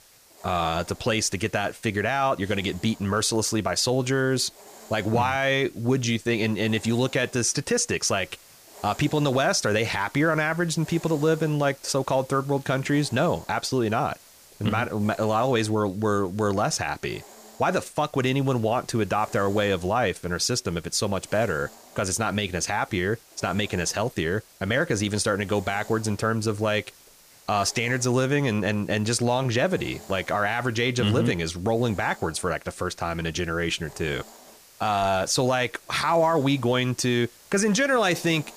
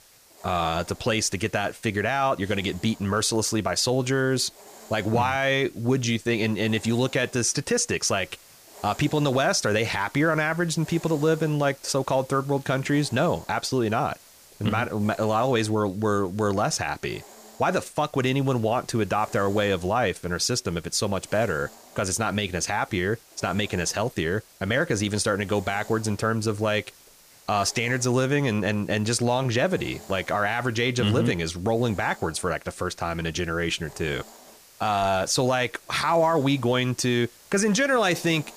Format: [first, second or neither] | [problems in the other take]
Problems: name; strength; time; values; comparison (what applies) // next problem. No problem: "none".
neither | hiss; faint; throughout; 25 dB below the speech; the same in both